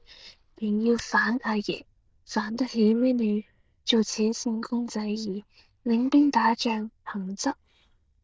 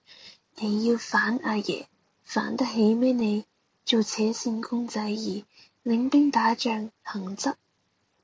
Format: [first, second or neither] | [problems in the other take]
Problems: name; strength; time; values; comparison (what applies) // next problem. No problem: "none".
second | noise reduction (neural diffusion model UNIVERSE++)